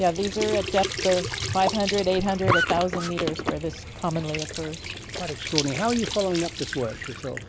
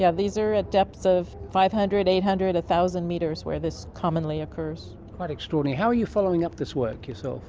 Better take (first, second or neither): second